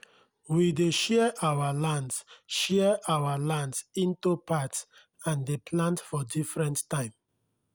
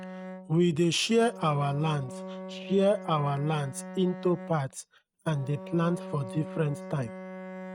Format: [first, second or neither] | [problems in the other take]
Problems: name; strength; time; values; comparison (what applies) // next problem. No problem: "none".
first | noise reduction (neural mask model RNNoise)